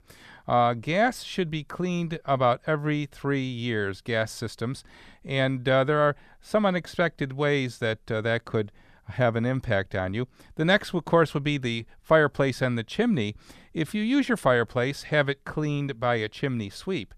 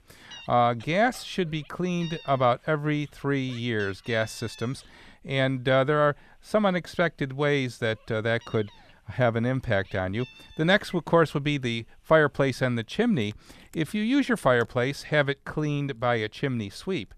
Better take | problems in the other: first | animal sounds; faint; throughout; 25 dB below the speech

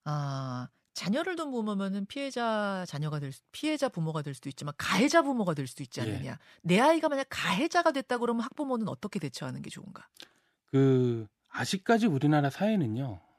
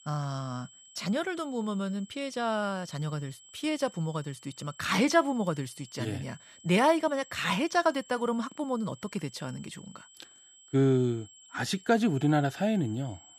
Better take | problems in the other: first | high-pitched whine; faint; throughout; 7.5 kHz, 20 dB below the speech

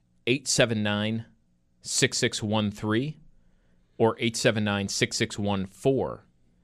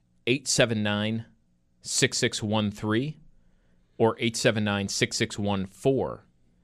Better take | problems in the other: neither | none

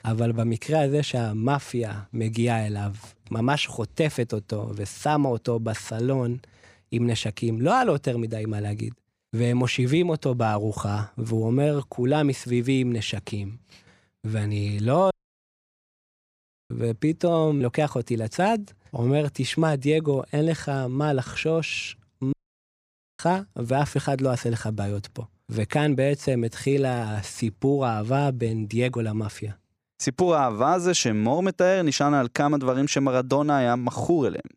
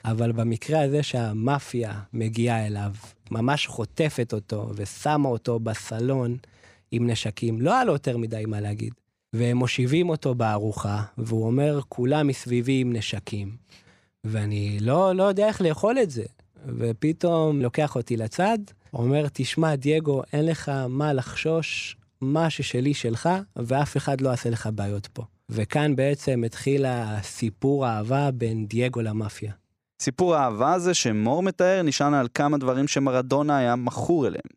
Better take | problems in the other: second | audio cutting out; at 15 s for 1.5 s and at 22 s for 1 s

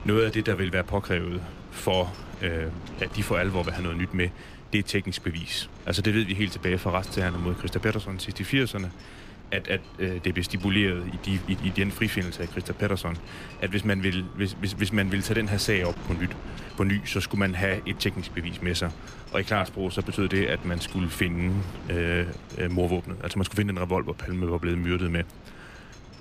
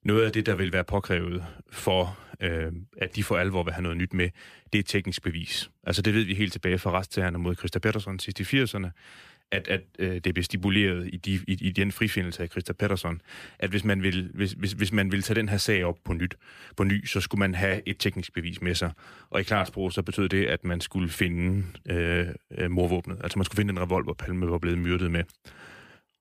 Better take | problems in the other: second | wind noise on the microphone; occasional gusts; 15 dB below the speech

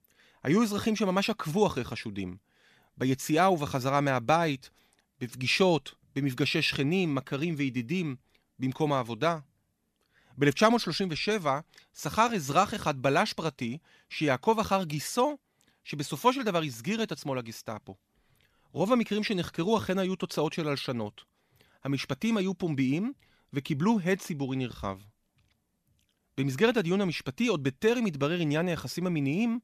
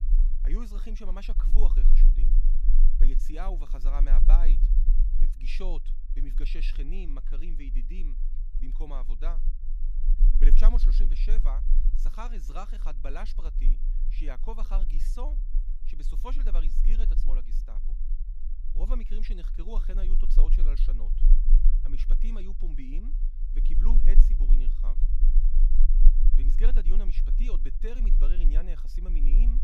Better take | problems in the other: first | low rumble; noticeable; throughout; 10 dB below the speech

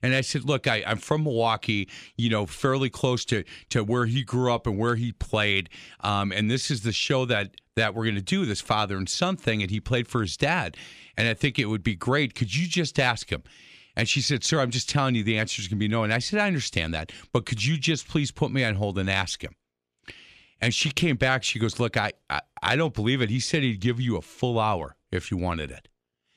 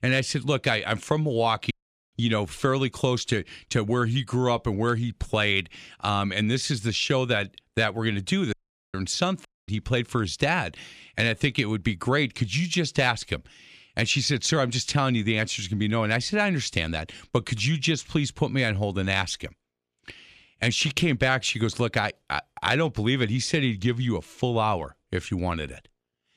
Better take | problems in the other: first | audio cutting out; at 1.5 s, at 8.5 s and at 9.5 s

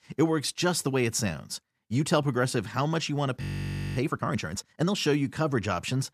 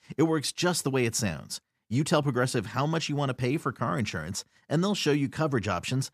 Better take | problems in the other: second | audio freezing; at 3.5 s for 0.5 s

